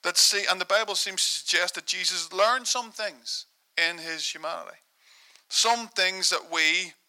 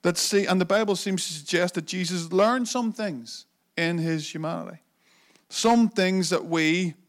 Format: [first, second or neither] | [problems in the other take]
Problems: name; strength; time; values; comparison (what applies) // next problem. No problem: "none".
second | thin; very; fading below 1 kHz